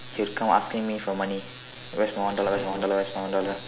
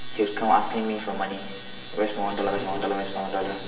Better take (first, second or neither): first